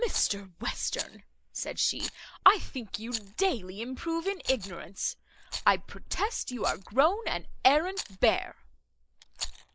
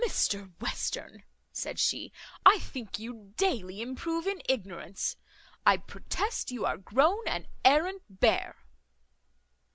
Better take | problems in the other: second | noise reduction (neural mask model Resemble Enhance denoiser)

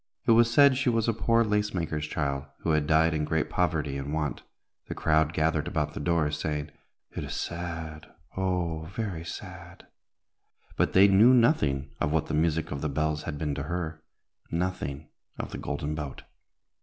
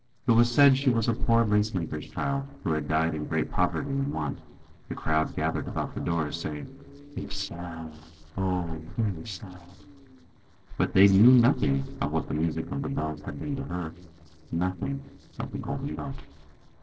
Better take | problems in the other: first | noise reduction (neural separator model SepFormer DNS4)

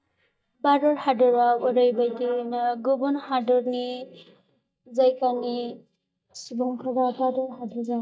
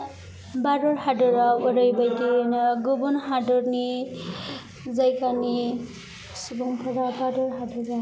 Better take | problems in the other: second | noise reduction (neural mask model DeepFilterNet 3)

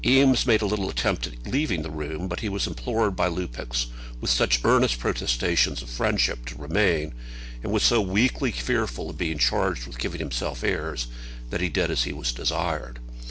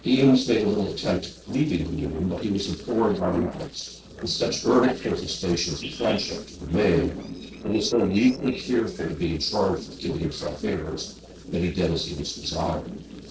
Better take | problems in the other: first | noise reduction (neural separator model SepFormer DNS4)

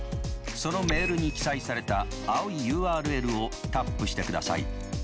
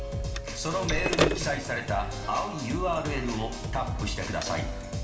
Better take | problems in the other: first | background sound (Telephone); 6 dB below the speech // room echo; dies away in 2.9 s

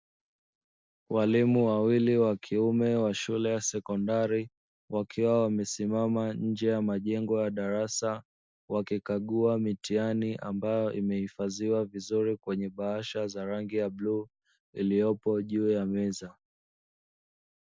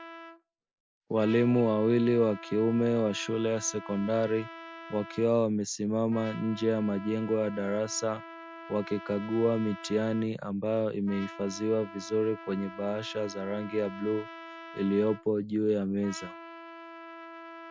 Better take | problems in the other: first | background sound (Trumpet); 16 dB below the speech

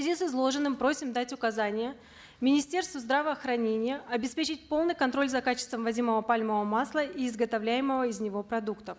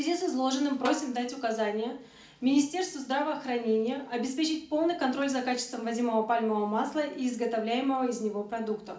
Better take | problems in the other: first | background sound (Snare drum); 11 dB below the speech // room echo; dies away in 0.4 s

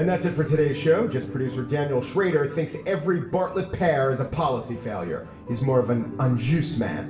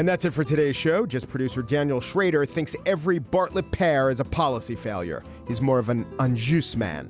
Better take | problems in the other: second | background sound (Bowed string instrument); 16 dB below the speech // room echo; dies away in 0.6 s

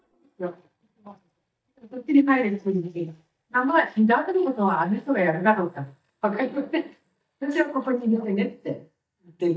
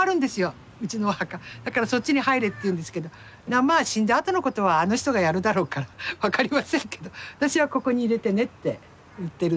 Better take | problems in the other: second | noise reduction (neural mask model DeepFilterNet 3)

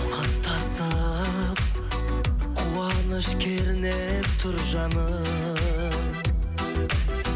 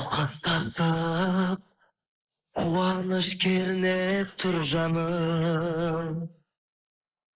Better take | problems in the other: first | noise reduction (neural mask model Resemble Enhance denoiser)

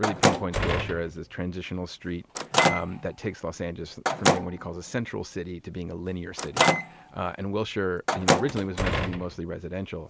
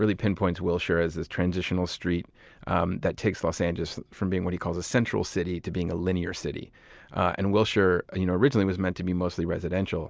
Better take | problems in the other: second | background sound (Door + Microwave oven); 3 dB above the speech

